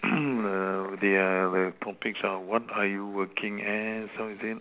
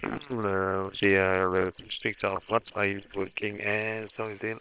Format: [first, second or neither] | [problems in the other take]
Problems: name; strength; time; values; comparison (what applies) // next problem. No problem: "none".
first | noise reduction (neural separator model SepFormer WHAM!)